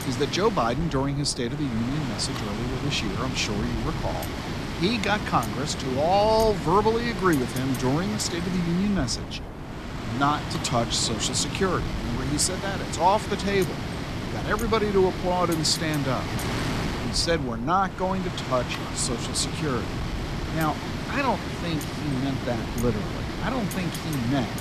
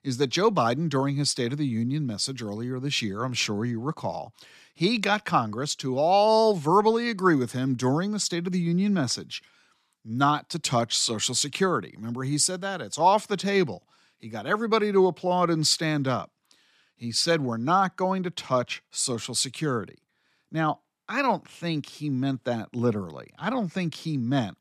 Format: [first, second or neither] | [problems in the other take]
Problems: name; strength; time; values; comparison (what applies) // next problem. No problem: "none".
second | wind noise on the microphone; heavy; 7 dB below the speech